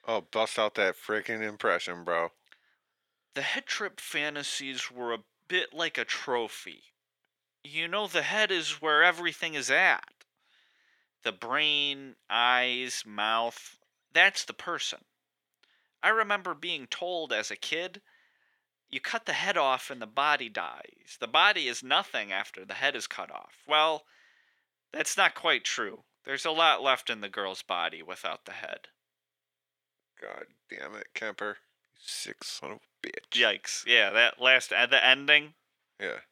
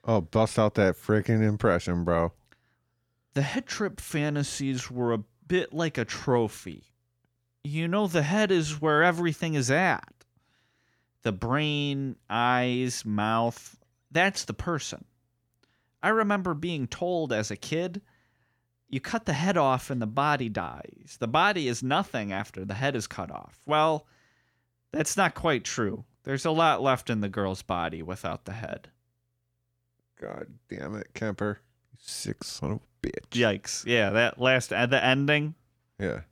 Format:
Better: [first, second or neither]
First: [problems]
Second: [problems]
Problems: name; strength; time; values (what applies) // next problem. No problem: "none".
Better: second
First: thin; very; fading below 500 Hz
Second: none